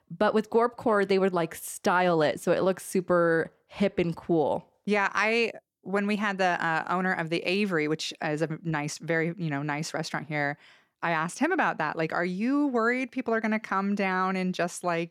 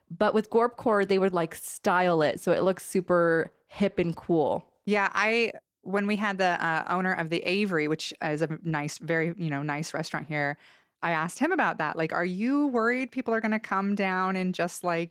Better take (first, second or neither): first